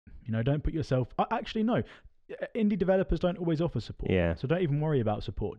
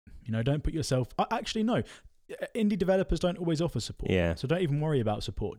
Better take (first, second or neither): second